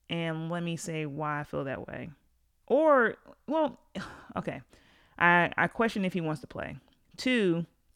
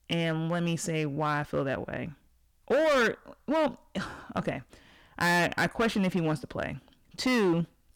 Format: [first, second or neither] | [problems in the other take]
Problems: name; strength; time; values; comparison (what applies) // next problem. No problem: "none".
first | distortion; heavy; 8% of the sound clipped